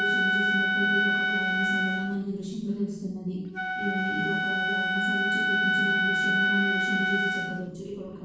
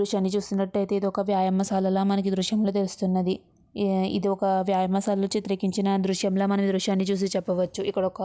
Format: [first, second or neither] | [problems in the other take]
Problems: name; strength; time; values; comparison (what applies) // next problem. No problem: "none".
second | background sound (Wind instrument, woodwind instrument); 5 dB above the speech // room echo; dies away in 1.2 s